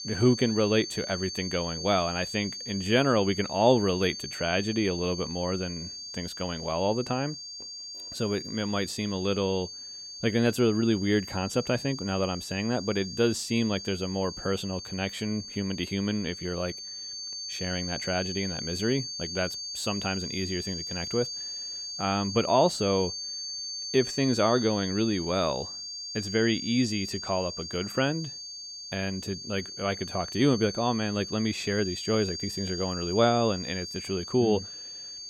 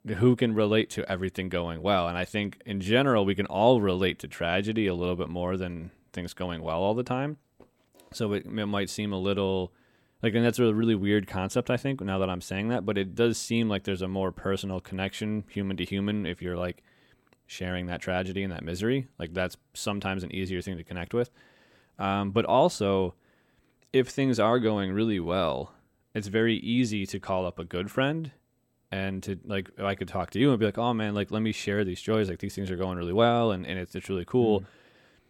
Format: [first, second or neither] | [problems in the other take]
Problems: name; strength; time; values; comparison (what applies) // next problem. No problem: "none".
second | high-pitched whine; loud; throughout; 4.5 kHz, 7 dB below the speech